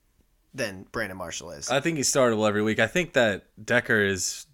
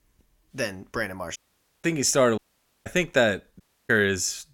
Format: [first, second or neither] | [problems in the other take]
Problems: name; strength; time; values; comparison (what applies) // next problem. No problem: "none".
first | audio cutting out; at 1.5 s, at 2.5 s and at 3.5 s